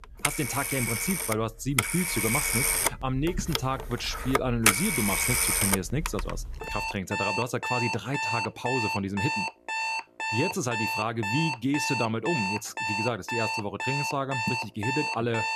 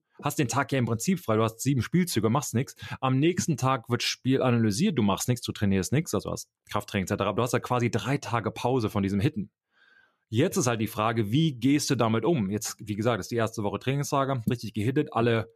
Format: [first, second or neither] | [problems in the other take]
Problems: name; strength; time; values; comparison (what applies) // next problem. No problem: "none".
second | alarms or sirens; very loud; throughout; 2 dB above the speech